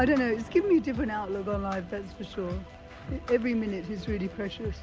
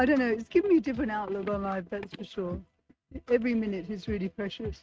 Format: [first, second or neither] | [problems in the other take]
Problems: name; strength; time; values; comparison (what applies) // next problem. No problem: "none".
first | noise reduction (neural mask model RNNoise)